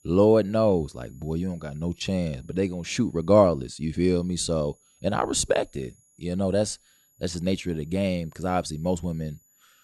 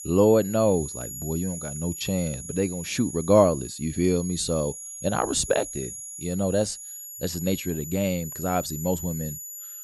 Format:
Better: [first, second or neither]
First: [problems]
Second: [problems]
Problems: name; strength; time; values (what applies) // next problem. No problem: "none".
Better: first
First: high-pitched whine; faint; throughout; 7 kHz, 35 dB below the speech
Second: high-pitched whine; loud; throughout; 7 kHz, 10 dB below the speech